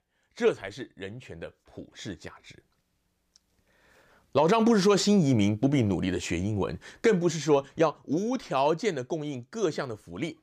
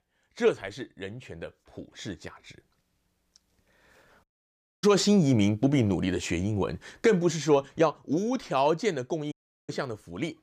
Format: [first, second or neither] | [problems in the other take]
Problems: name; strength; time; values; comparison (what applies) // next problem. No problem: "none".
first | audio cutting out; at 4 s for 0.5 s and at 9.5 s